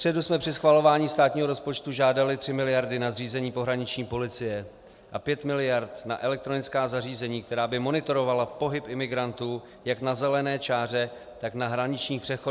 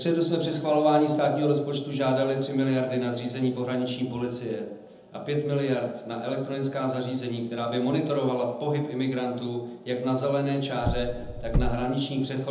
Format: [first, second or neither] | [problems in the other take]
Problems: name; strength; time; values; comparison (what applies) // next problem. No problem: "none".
first | background sound (Car); 1 dB below the speech // room echo; dies away in 0.8 s